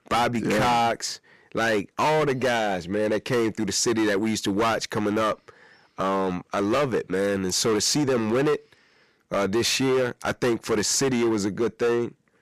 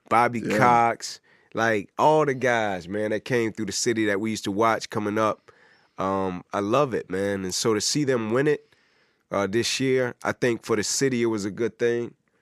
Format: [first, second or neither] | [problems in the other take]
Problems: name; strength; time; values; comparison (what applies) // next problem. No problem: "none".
second | distortion; heavy; 16% of the sound clipped